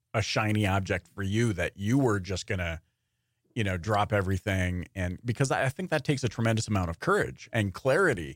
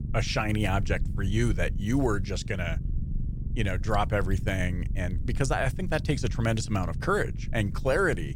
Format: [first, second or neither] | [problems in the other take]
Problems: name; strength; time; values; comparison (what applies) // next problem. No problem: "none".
first | low rumble; noticeable; throughout; 15 dB below the speech